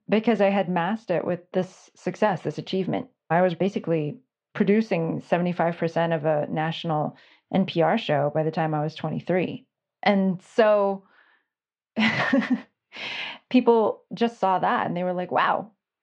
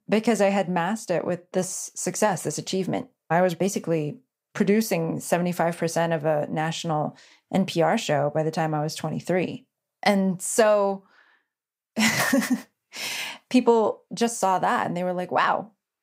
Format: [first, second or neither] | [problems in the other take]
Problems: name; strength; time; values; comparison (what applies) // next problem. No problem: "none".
second | muffled; slightly; fading above 3.5 kHz